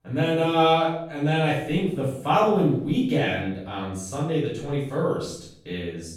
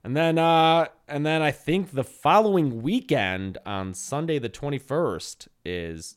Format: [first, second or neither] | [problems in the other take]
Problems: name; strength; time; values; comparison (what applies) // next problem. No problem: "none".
second | off-mic speech; far // room echo; noticeable; dies away in 0.6 s